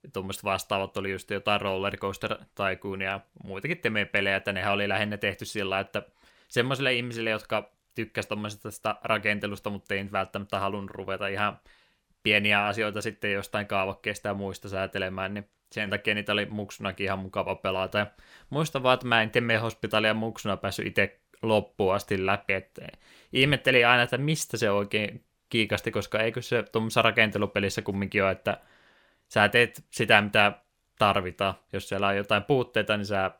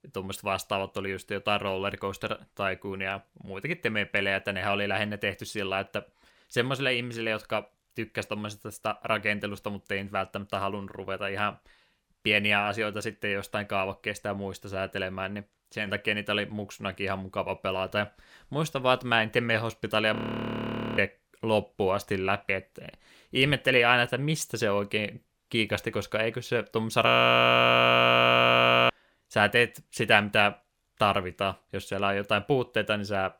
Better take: first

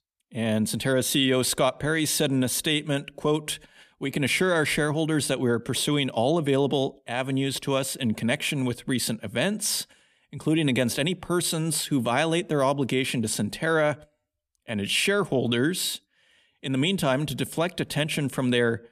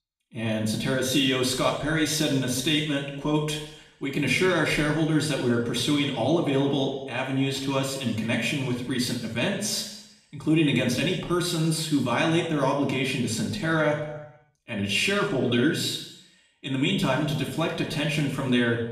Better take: first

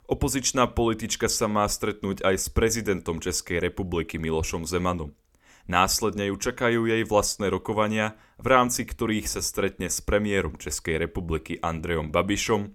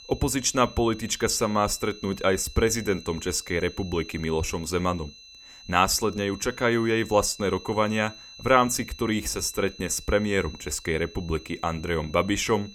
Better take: first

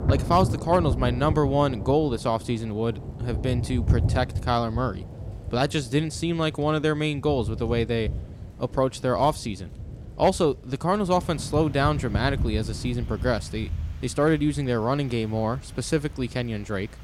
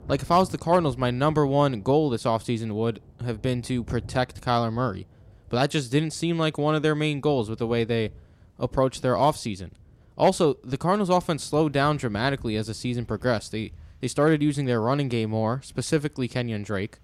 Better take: second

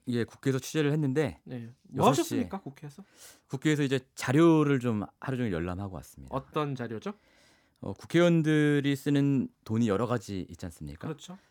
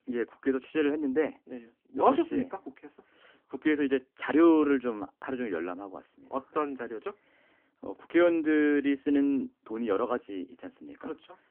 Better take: first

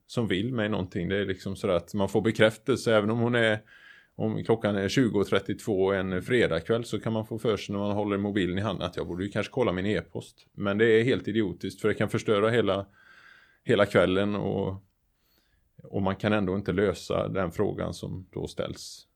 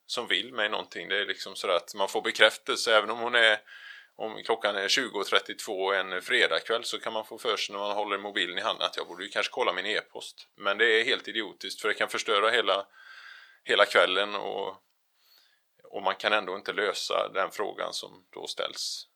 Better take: first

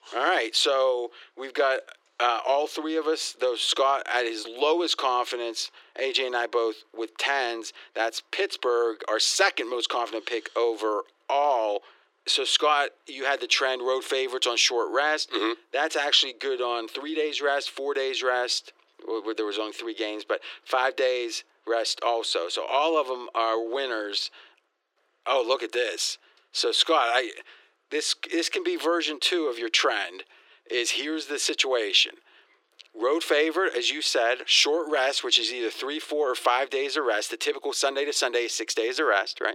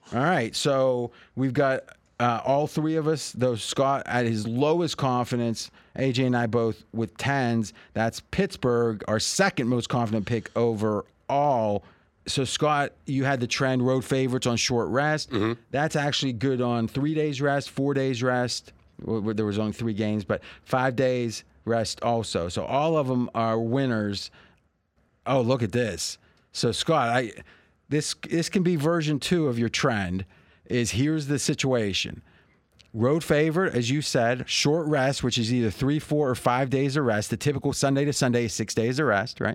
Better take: second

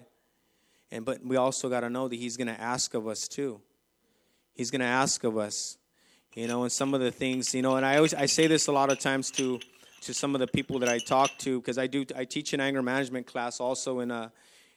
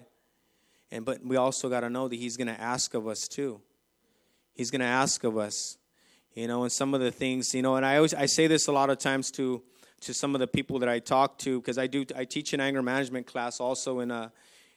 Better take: second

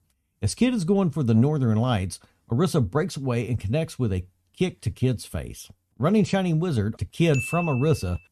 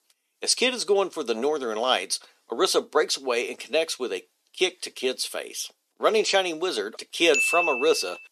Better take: first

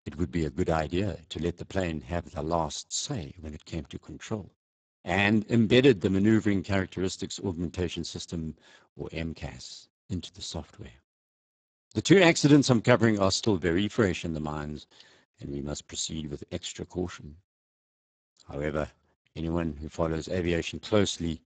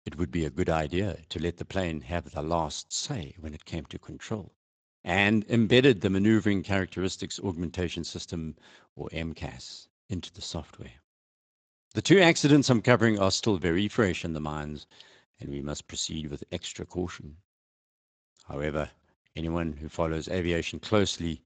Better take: second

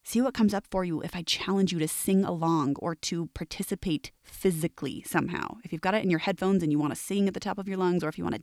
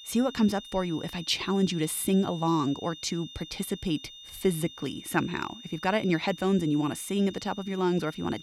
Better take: first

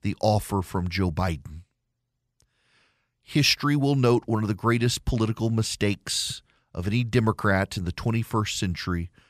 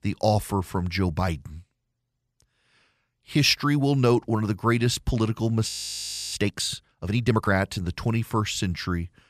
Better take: first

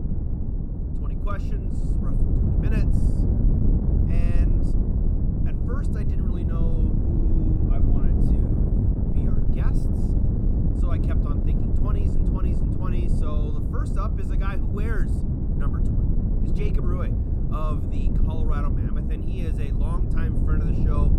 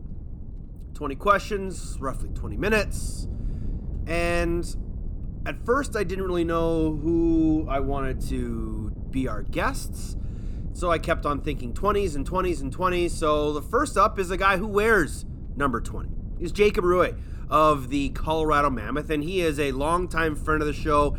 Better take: second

